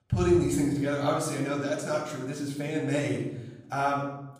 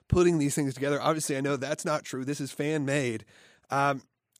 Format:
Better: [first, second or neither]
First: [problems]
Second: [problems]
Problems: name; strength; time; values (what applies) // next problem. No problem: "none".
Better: second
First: off-mic speech; far // room echo; noticeable; dies away in 0.9 s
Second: none